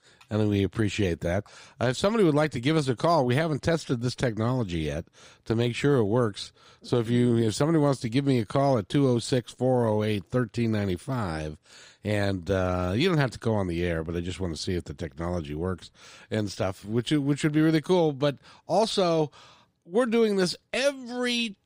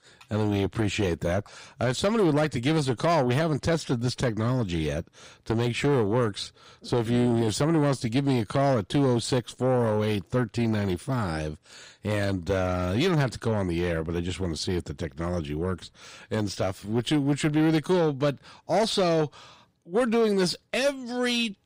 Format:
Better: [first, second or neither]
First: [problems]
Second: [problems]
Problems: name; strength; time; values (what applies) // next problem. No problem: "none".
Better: first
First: none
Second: distortion; slight; 10 dB below the speech